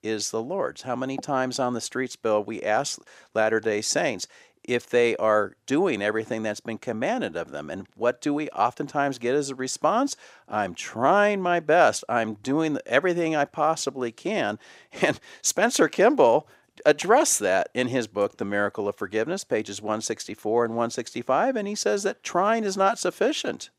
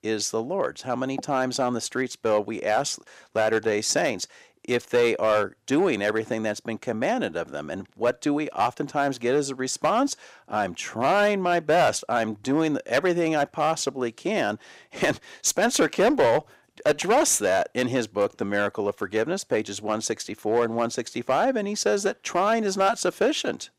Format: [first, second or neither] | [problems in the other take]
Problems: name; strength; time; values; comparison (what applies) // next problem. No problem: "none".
first | distortion; slight; 4% of the sound clipped